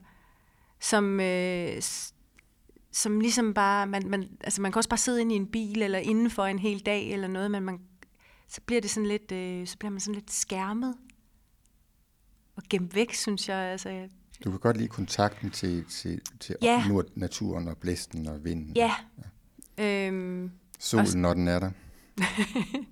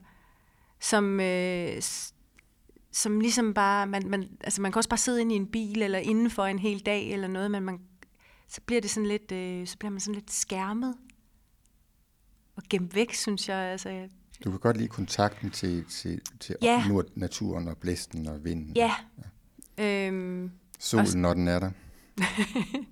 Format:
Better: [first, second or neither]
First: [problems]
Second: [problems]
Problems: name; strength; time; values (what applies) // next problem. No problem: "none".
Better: neither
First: none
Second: none